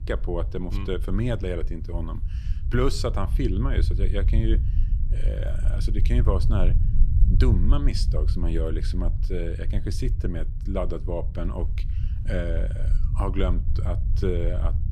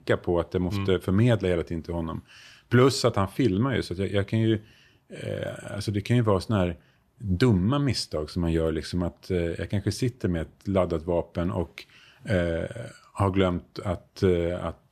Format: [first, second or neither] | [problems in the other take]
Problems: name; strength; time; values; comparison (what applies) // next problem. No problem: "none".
second | low rumble; noticeable; throughout; 10 dB below the speech